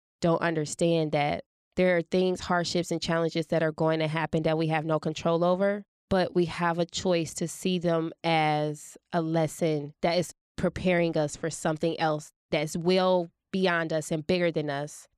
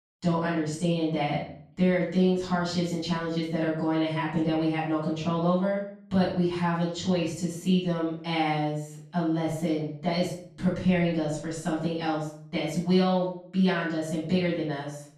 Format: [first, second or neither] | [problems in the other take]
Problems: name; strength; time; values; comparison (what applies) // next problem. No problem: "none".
first | off-mic speech; far // room echo; noticeable; dies away in 0.5 s